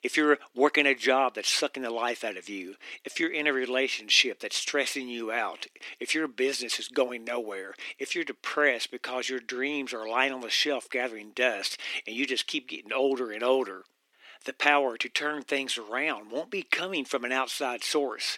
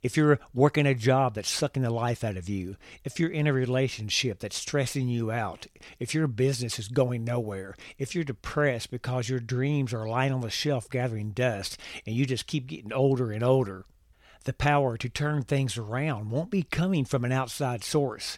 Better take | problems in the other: second | thin; somewhat; fading below 250 Hz

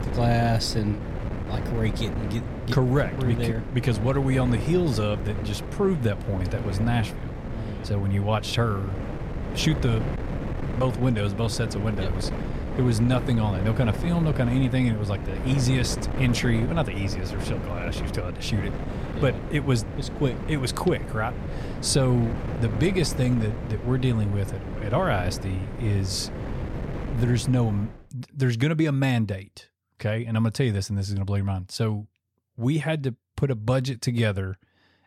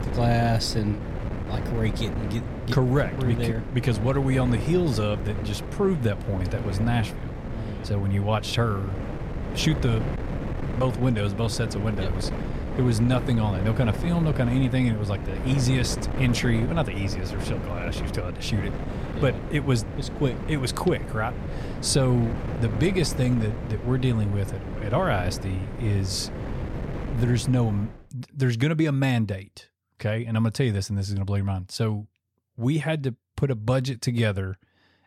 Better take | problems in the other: neither | wind noise on the microphone; heavy; until 28 s; 7 dB below the speech; the same in both

